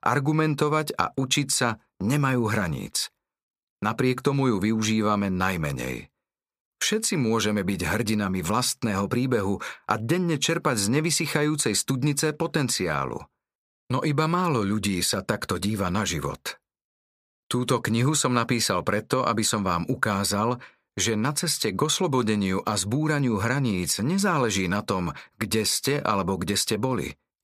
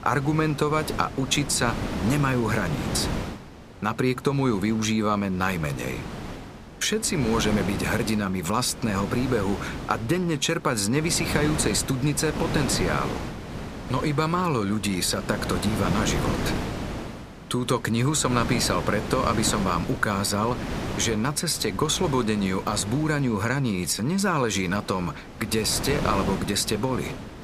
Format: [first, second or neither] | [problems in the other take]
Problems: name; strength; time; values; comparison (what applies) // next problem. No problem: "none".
first | wind noise on the microphone; heavy; 9 dB below the speech